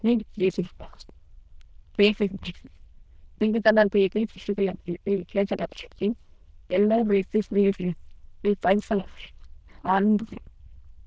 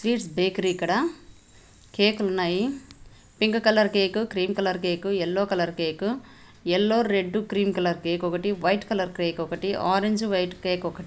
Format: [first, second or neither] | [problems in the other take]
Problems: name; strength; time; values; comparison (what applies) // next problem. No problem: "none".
second | noise reduction (neural diffusion model UNIVERSE++)